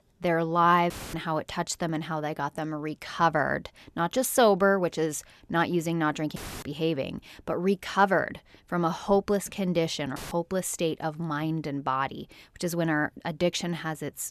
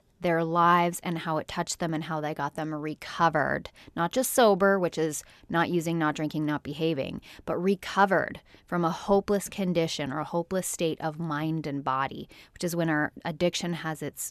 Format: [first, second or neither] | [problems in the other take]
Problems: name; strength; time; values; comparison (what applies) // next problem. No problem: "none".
second | audio cutting out; filled with static; at 1 s, at 6.5 s and at 10 s